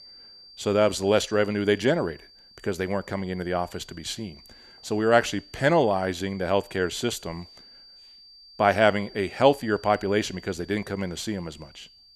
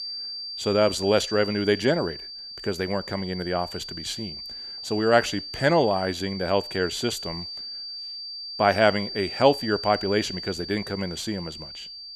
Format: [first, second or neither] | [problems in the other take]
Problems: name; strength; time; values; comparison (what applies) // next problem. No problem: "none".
first | high-pitched whine; loud; throughout; 4.5 kHz, 9 dB below the speech; faint in the first